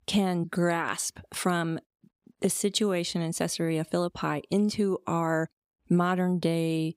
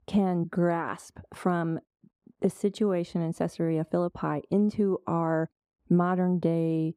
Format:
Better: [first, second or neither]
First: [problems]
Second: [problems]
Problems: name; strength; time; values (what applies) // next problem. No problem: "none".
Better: first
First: none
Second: muffled; very; fading above 2 kHz